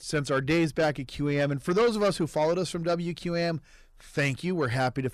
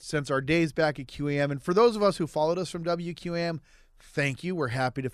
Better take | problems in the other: second | distortion; slight; 10 dB below the speech

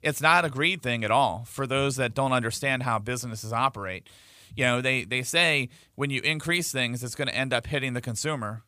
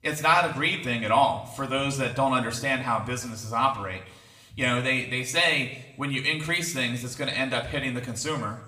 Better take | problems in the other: first | room echo; slight; dies away in 0.7 s // off-mic speech; somewhat distant

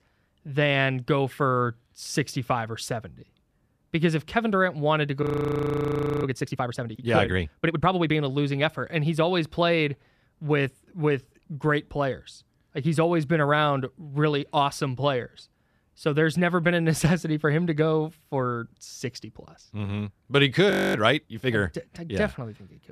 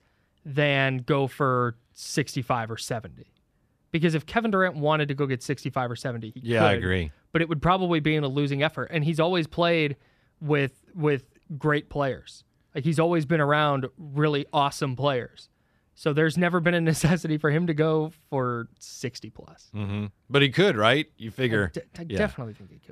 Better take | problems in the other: second | audio freezing; at 5 s for 1 s and at 21 s

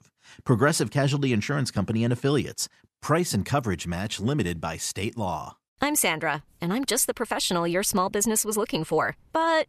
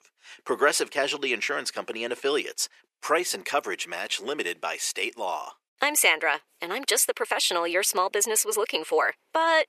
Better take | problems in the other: first | thin; very; fading below 400 Hz

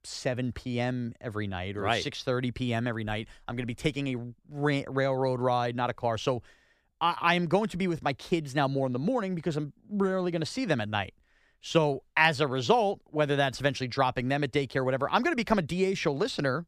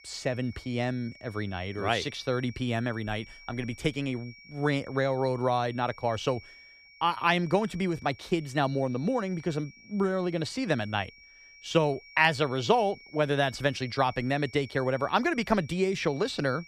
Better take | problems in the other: first | high-pitched whine; faint; throughout; 2.5 kHz, 20 dB below the speech

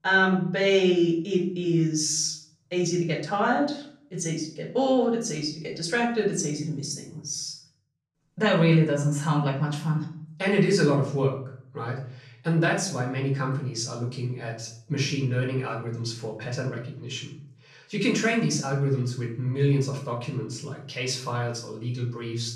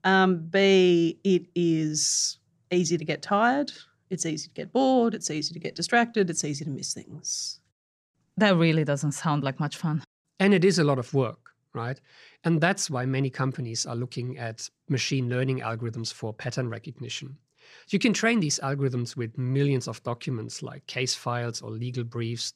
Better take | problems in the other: second | off-mic speech; far // room echo; slight; dies away in 0.5 s

